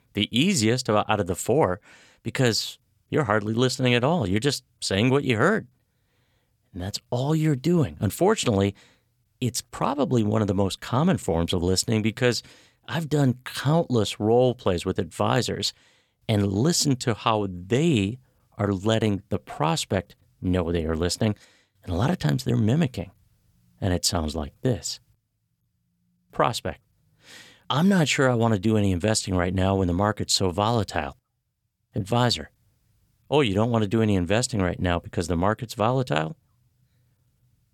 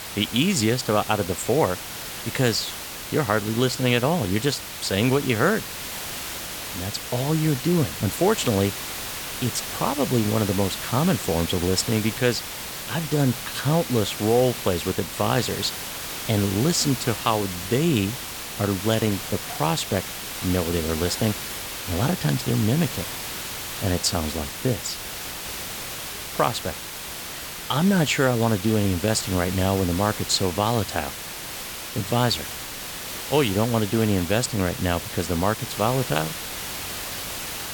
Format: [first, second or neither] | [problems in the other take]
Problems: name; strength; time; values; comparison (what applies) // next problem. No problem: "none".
first | hiss; loud; throughout; 7 dB below the speech